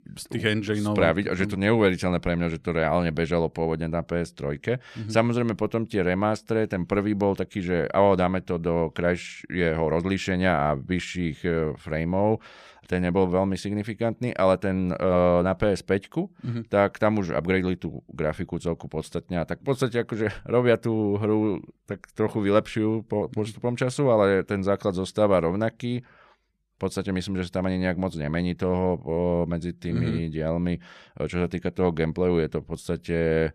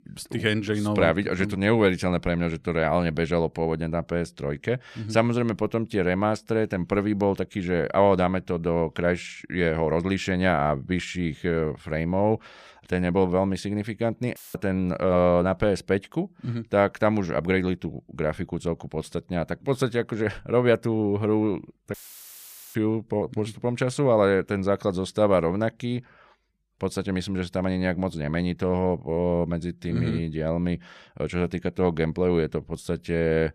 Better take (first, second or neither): first